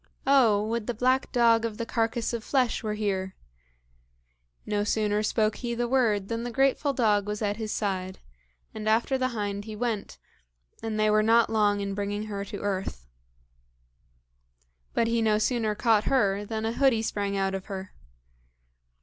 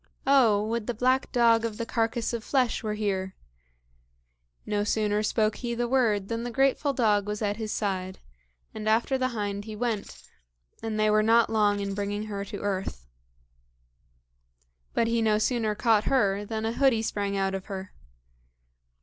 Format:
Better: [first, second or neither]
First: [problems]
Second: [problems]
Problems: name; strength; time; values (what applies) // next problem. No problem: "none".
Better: first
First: none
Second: noise reduction (neural separator model SepFormer DNS4)